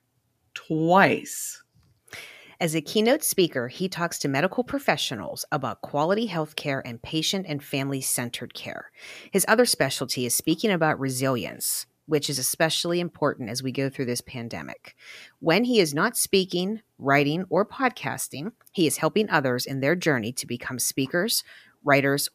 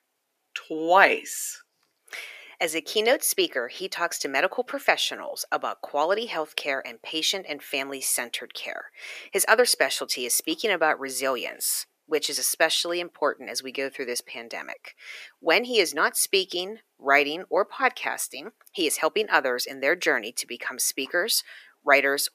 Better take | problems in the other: first | thin; somewhat; fading below 400 Hz

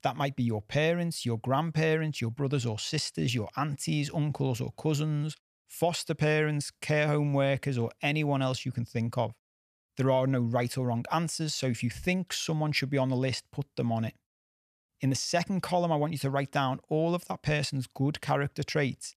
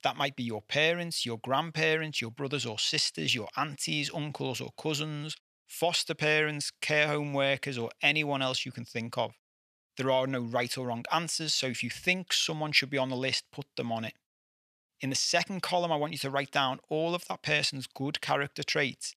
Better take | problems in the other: first | thin; very slightly; fading below 700 Hz

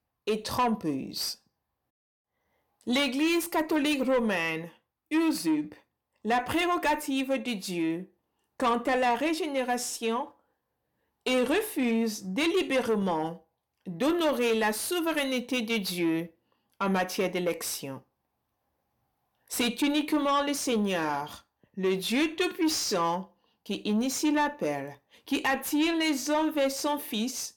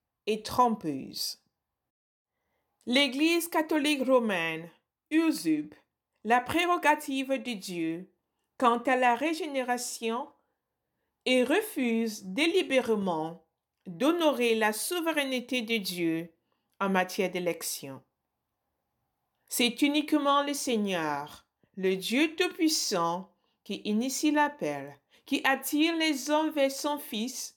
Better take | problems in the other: second | distortion; slight; 10 dB below the speech

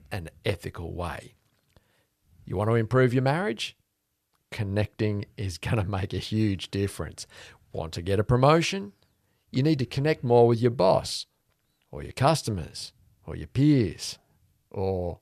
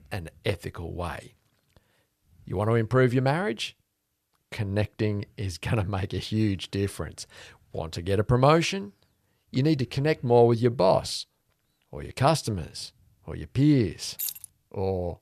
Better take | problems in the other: first | jangling keys; noticeable; at 14 s; peak 6 dB below the speech

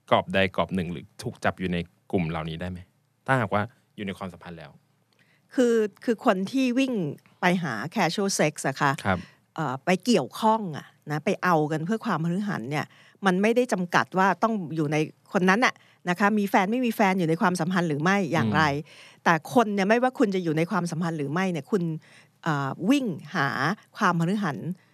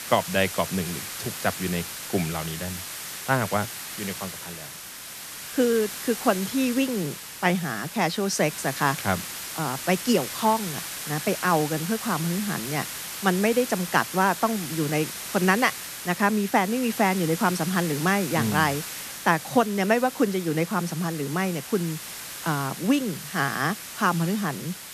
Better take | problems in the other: first | hiss; loud; throughout; 8 dB below the speech

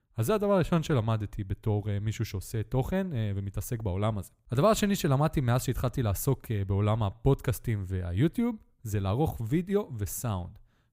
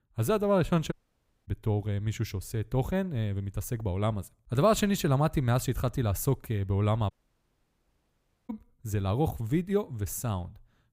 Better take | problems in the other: first | audio cutting out; at 1 s for 0.5 s and at 7 s for 1.5 s

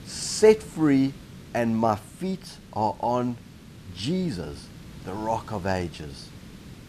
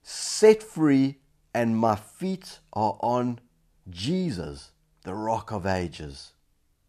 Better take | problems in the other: second | hiss; noticeable; throughout; 20 dB below the speech

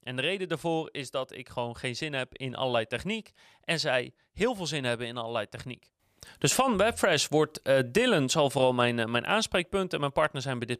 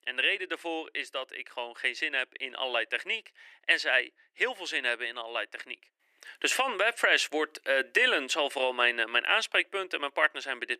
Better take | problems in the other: first | thin; very; fading below 300 Hz

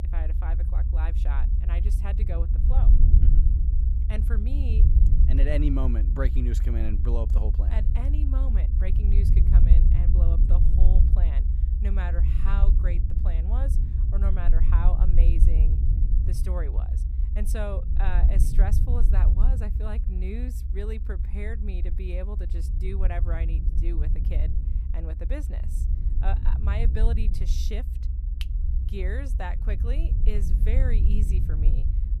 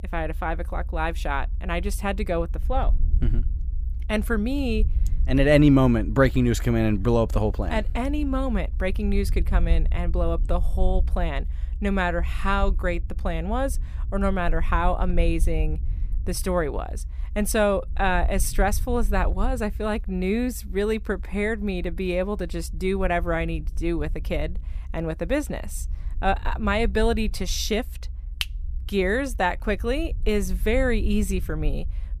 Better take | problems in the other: second | low rumble; loud; throughout; 4 dB below the speech; faint in the second

